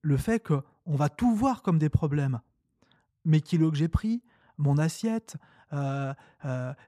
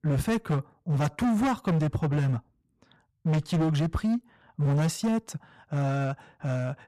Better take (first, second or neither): first